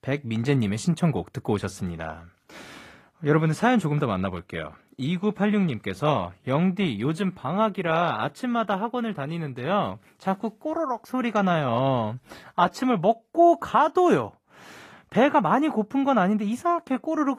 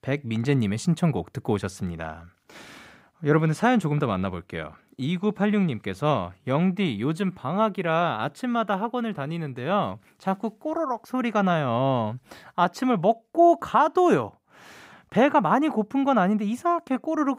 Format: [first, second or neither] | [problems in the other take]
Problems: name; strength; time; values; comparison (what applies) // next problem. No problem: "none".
second | garbled, watery; slightly; nothing above 14.5 kHz